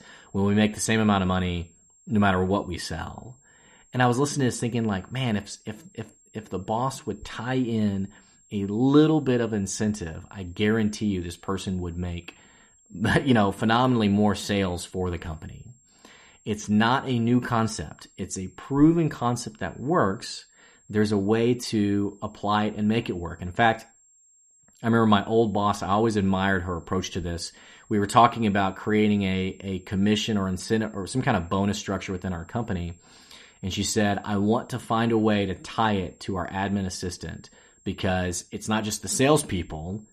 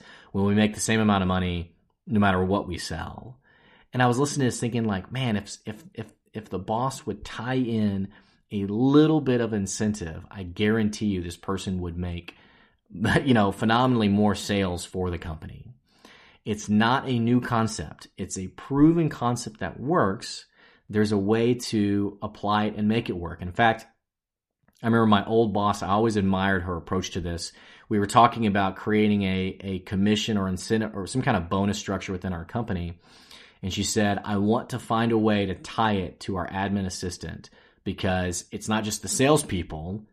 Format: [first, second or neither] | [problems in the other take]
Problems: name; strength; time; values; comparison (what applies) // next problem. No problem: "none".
second | high-pitched whine; faint; throughout; 7.5 kHz, 30 dB below the speech